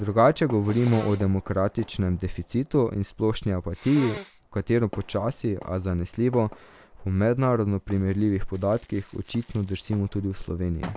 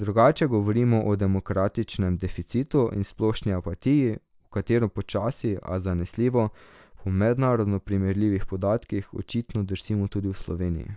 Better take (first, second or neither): second